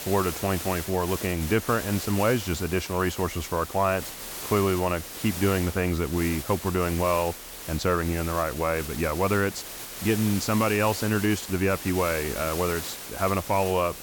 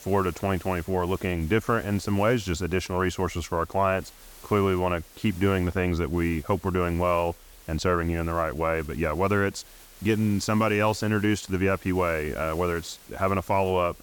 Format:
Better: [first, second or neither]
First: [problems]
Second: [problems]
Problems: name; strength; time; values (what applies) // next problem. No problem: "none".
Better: second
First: hiss; loud; throughout; 9 dB below the speech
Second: hiss; faint; throughout; 20 dB below the speech